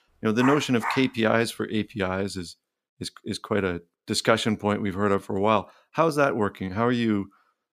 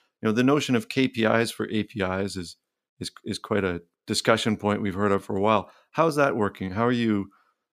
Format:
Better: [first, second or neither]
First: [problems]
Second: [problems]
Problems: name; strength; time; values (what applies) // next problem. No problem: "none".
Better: second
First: dog barking; noticeable; at 0.5 s; peak 5 dB below the speech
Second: none